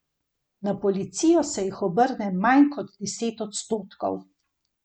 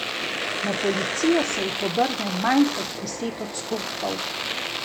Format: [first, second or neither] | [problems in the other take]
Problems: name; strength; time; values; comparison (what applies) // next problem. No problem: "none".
first | background sound (Domestic sounds, home sounds); 2 dB below the speech